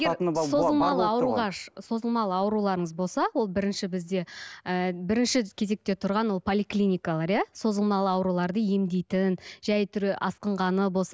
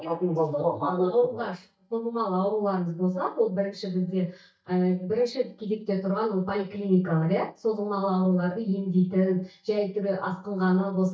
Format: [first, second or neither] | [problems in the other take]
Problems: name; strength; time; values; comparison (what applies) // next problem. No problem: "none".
first | noise reduction (neural mask model DeepFilterNet 3)